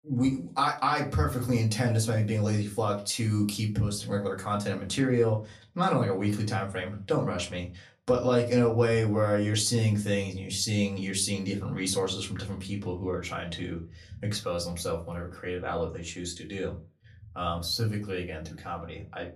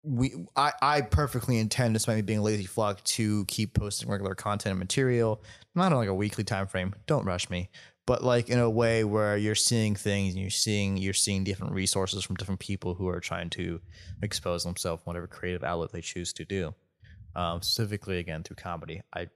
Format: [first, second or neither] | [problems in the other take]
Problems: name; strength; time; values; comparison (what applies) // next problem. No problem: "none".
second | off-mic speech; far // room echo; very slight; dies away in 0.3 s